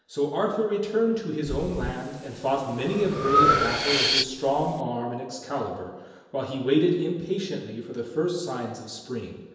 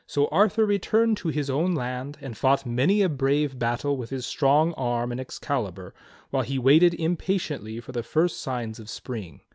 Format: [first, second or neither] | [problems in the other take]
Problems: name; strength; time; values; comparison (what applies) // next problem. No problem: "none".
second | background sound (Breathing); 3 dB below the speech // room echo; dies away in 1 s